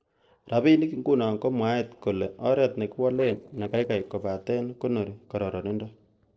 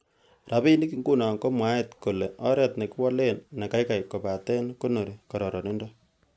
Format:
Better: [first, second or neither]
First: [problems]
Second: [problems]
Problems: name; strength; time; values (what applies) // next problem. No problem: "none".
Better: second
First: noise reduction (neural separator model SepFormer DNS4)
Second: none